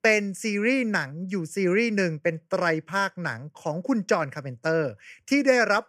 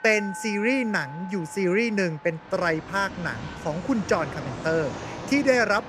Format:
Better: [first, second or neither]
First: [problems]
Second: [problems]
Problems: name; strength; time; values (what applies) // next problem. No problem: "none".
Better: first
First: none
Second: train or aircraft noise; noticeable; throughout; 10 dB below the speech